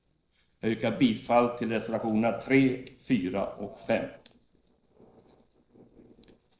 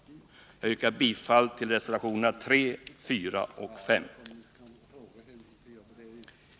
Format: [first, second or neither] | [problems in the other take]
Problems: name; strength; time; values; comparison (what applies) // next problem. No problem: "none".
second | noise reduction (neural separator model SepFormer DNS4)